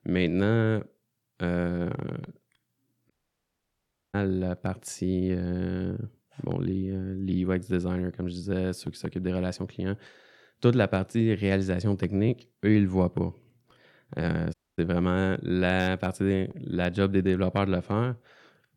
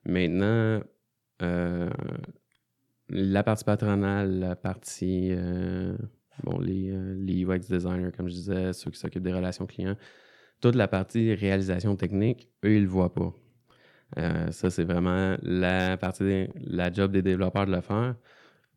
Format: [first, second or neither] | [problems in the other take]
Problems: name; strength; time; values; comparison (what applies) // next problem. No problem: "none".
second | audio cutting out; at 3 s for 1 s and at 15 s